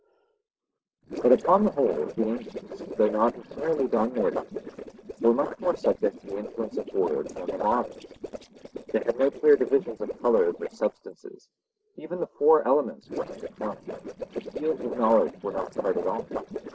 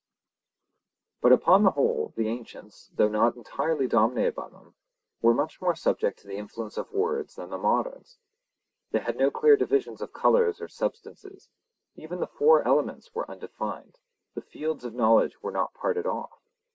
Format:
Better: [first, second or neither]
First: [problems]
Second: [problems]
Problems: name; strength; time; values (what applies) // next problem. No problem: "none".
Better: second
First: noise reduction (neural separator model SepFormer DNS4)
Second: none